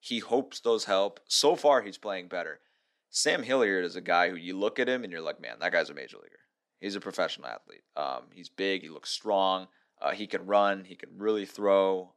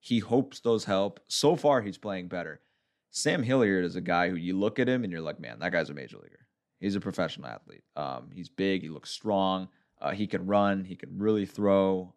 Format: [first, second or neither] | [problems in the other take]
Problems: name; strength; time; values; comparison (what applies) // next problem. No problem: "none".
second | thin; somewhat; fading below 450 Hz